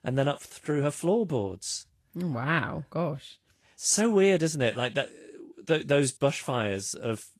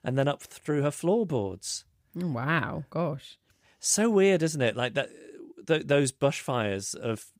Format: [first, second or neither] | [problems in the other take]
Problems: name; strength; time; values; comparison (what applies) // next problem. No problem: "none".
second | garbled, watery; slightly